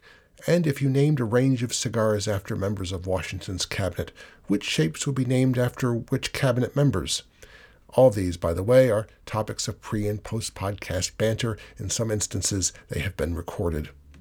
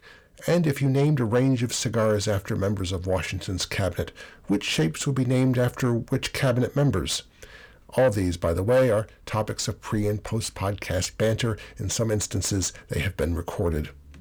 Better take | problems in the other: first | distortion; slight; 10 dB below the speech

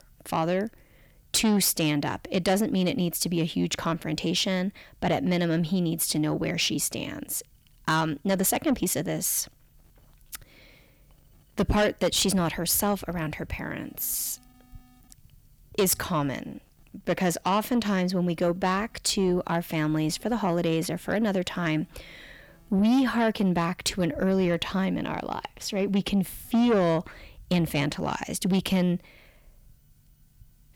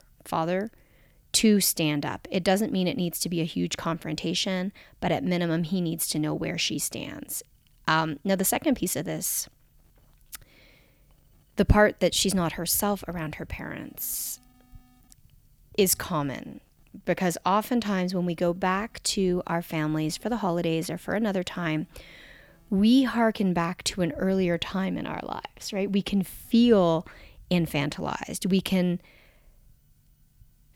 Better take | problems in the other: second | distortion; slight; 10 dB below the speech

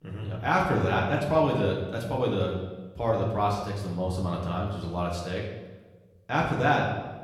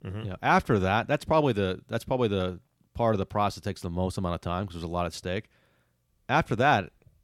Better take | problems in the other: second | room echo; noticeable; dies away in 1 s // off-mic speech; far

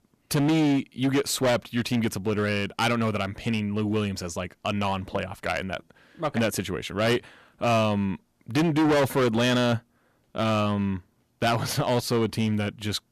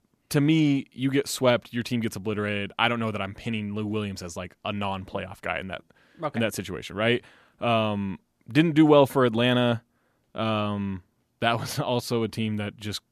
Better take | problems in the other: second | distortion; heavy; 10% of the sound clipped

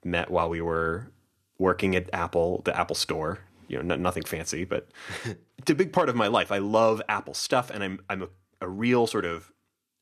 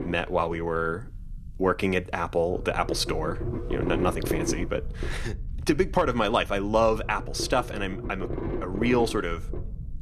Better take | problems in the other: first | low rumble; noticeable; throughout; 10 dB below the speech

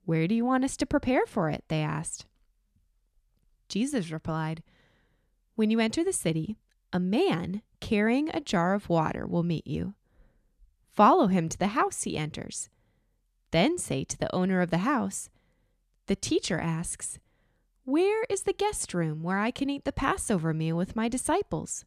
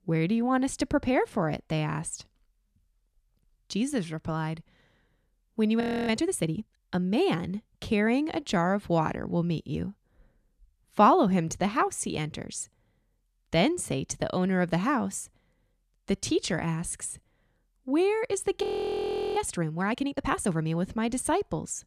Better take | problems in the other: first | audio freezing; at 6 s and at 19 s for 0.5 s

